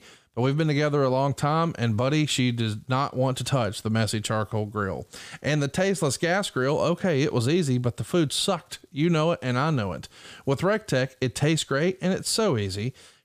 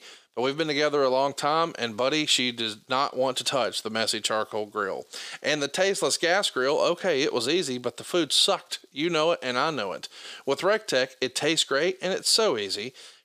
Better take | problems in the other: first | thin; somewhat; fading below 400 Hz

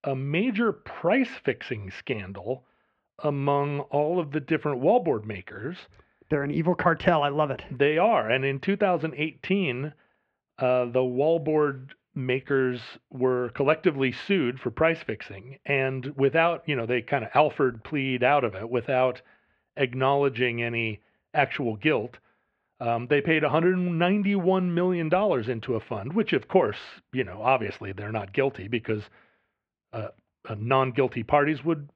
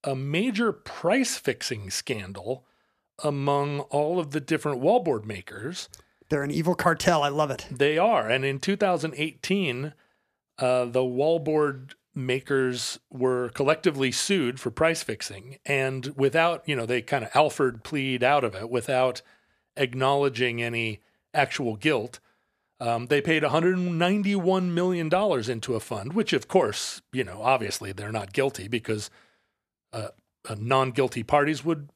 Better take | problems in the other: second | muffled; very; fading above 2.5 kHz

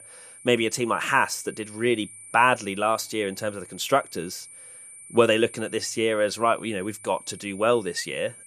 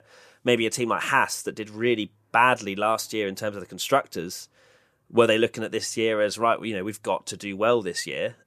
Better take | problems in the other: second | high-pitched whine; noticeable; throughout; 9 kHz, 20 dB below the speech

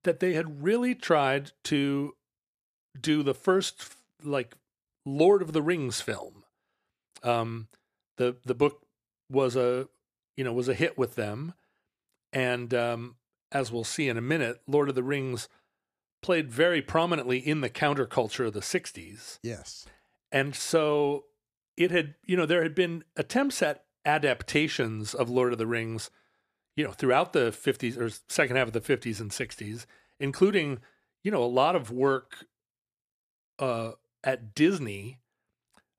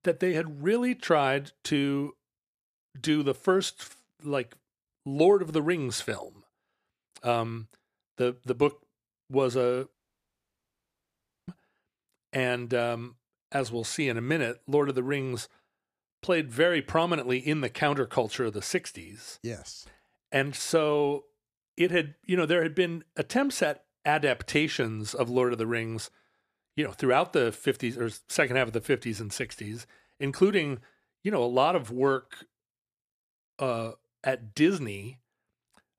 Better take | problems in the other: first | audio cutting out; at 10 s for 1.5 s

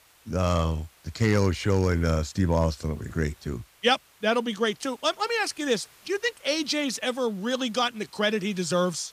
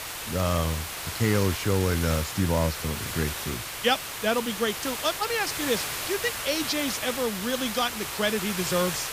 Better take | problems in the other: first | hiss; loud; throughout; 4 dB below the speech; faint in the first

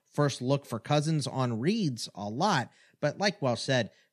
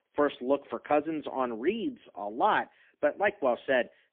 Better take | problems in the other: first | phone-call audio; poor line

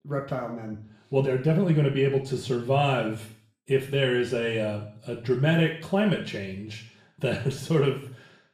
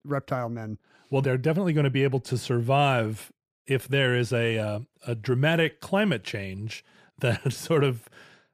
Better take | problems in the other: second | room echo; slight; dies away in 0.5 s // off-mic speech; far

